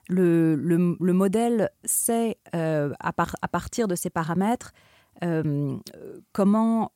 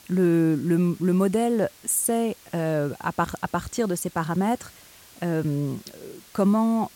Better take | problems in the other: first | hiss; faint; throughout; 25 dB below the speech

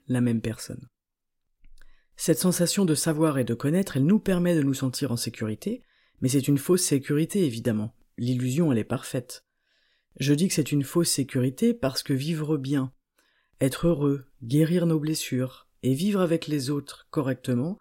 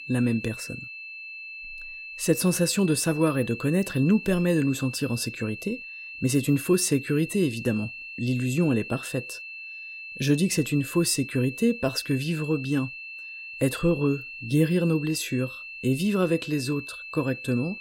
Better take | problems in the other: first | high-pitched whine; noticeable; throughout; 2.5 kHz, 10 dB below the speech

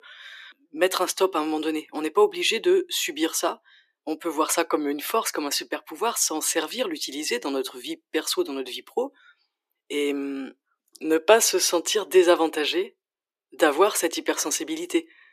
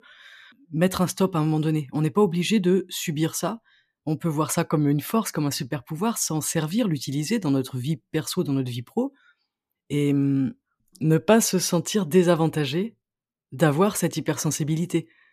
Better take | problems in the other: second | thin; very; fading below 350 Hz

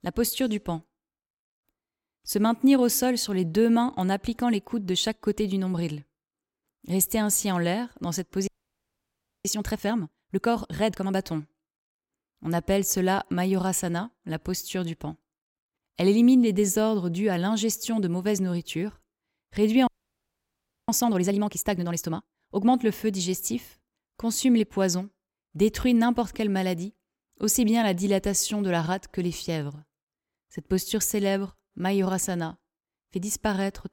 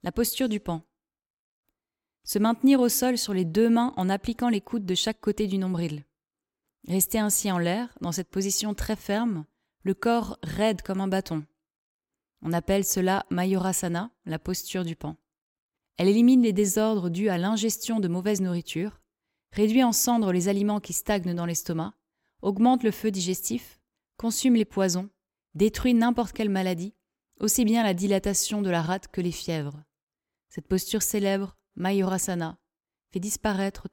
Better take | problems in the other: second | audio freezing; at 8.5 s for 1 s and at 20 s for 1 s

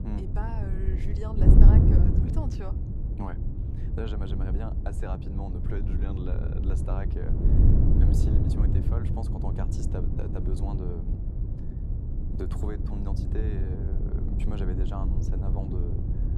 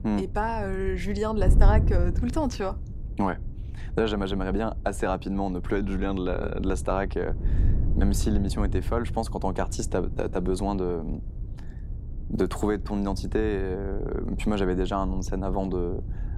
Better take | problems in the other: second | wind noise on the microphone; heavy; 2 dB above the speech; occasional gusts in the second

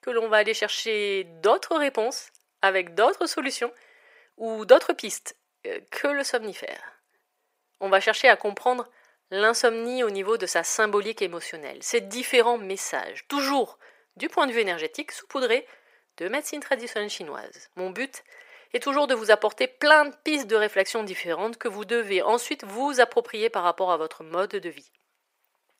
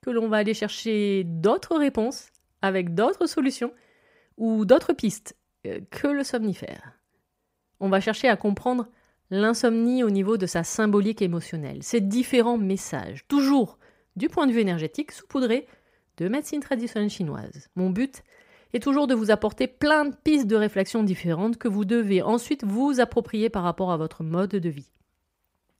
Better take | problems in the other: second | thin; very; fading below 450 Hz

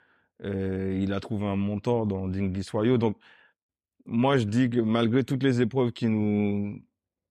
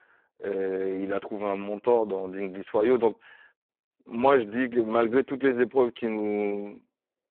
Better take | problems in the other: first | phone-call audio; poor line

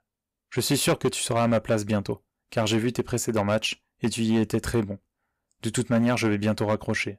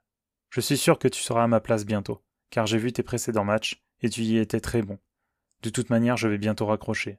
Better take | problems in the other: second | distortion; slight; 5% of the sound clipped

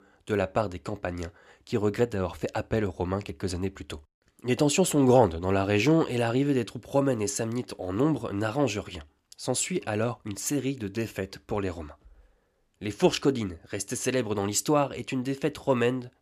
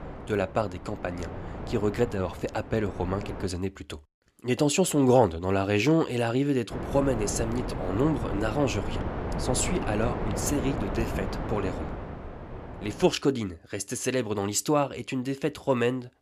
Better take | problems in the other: first | wind noise on the microphone; heavy; until 3.5 s and from 6.5 to 13 s; 8 dB below the speech

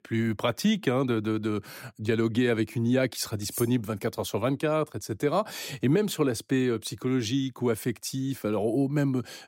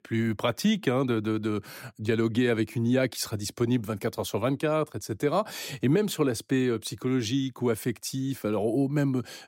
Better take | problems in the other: second | clattering dishes; noticeable; at 3.5 s; peak 9 dB below the speech

